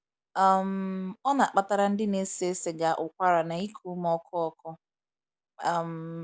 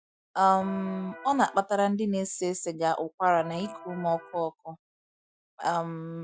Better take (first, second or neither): first